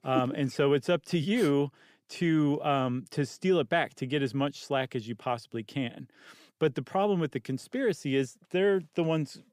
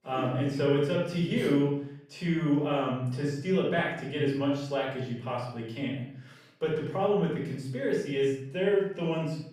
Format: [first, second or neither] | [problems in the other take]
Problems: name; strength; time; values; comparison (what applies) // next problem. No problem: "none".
first | off-mic speech; far // room echo; noticeable; dies away in 0.6 s